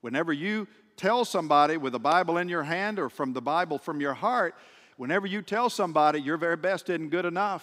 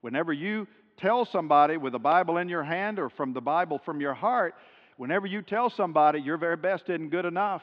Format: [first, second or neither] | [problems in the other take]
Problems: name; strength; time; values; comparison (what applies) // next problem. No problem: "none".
first | muffled; very; fading above 3 kHz